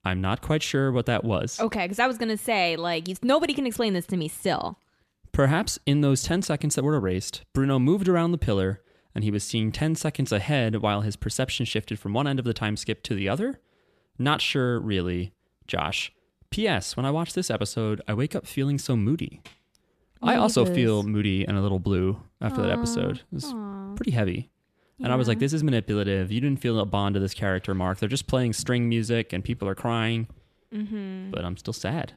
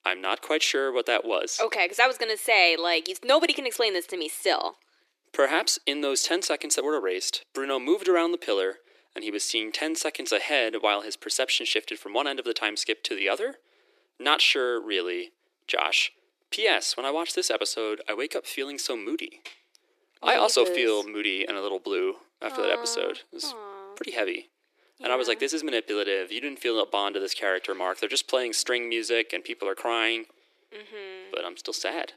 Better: first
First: none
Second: thin; very; fading below 350 Hz

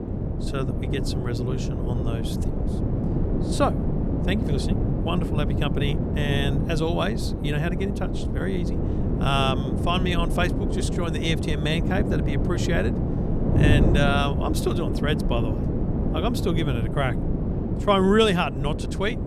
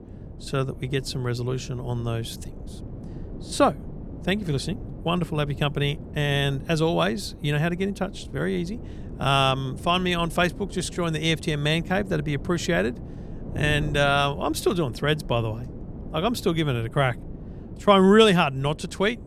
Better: second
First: wind noise on the microphone; heavy; 6 dB below the speech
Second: wind noise on the microphone; occasional gusts; 20 dB below the speech

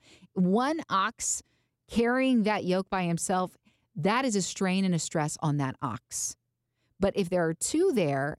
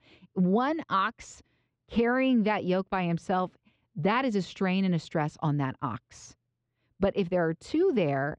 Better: first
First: none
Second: muffled; slightly; fading above 3.5 kHz

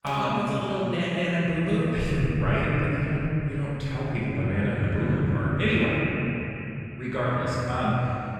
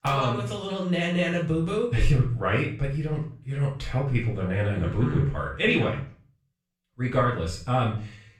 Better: second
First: room echo; strong; dies away in 3 s // off-mic speech; far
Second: room echo; slight; dies away in 0.4 s // off-mic speech; far

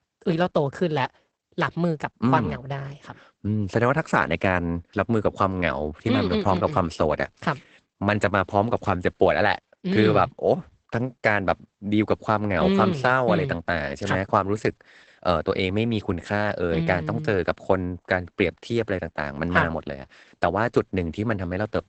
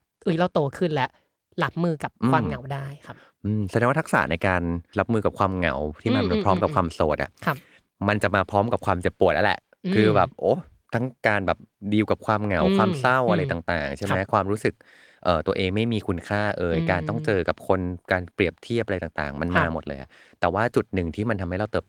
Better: second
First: garbled, watery; badly; nothing above 8 kHz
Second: garbled, watery; slightly; nothing above 18.5 kHz

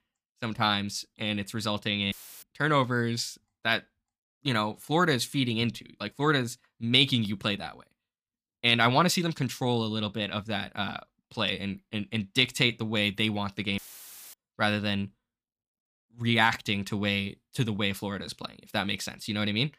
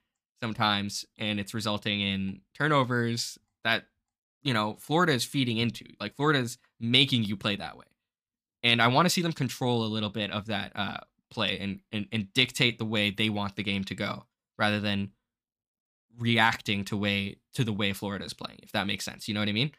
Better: second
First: audio cutting out; filled with static; at 2 s and at 14 s for 0.5 s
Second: none

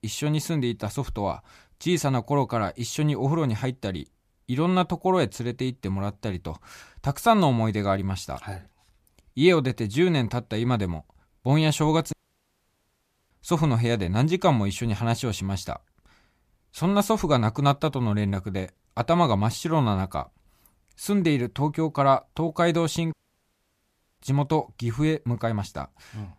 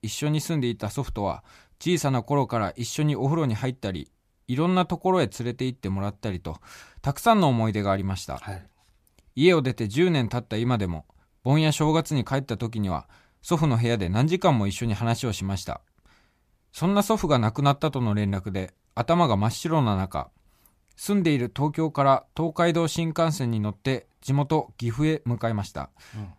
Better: second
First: audio cutting out; at 12 s for 1 s and at 23 s for 1 s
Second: none

